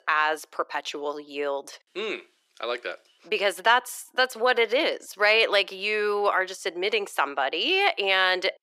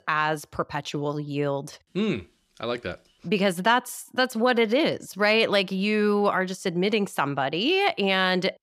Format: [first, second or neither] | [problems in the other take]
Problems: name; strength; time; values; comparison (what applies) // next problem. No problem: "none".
second | thin; very; fading below 350 Hz